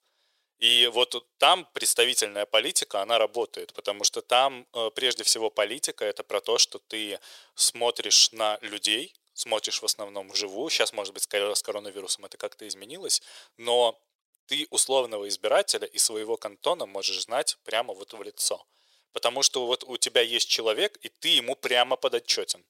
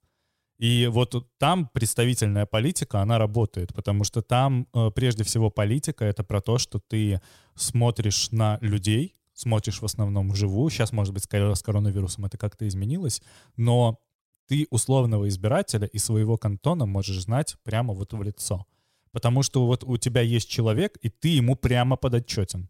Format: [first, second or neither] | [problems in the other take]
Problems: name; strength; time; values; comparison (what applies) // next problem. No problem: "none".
second | thin; very; fading below 450 Hz